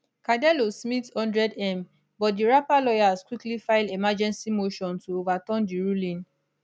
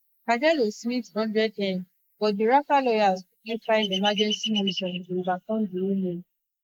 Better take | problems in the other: first | noise reduction (neural mask model Resemble Enhance denoiser)

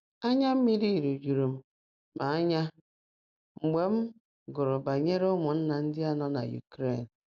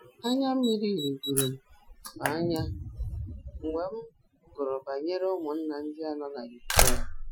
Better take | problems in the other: first | noise reduction (classical method Wiener filter)

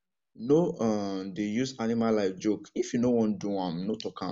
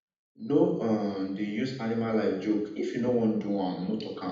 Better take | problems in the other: first | room echo; dies away in 0.8 s

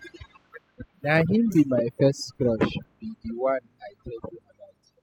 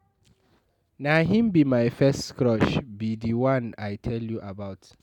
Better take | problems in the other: second | noise reduction (classical method spectral subtraction)

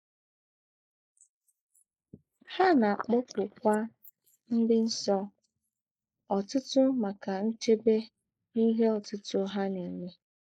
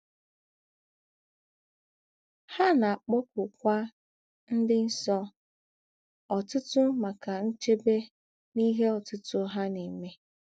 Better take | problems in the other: second | noise reduction (neural mask model Resemble Enhance denoiser)

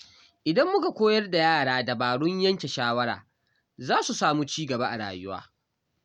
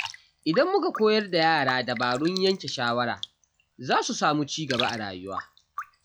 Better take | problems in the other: first | noise reduction (classical method log-MMSE)

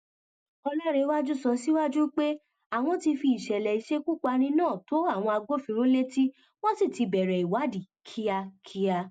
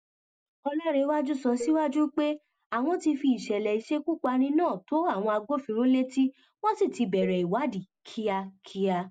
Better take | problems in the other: first | background sound (Dishes, pots, and pans); 14 dB below the speech

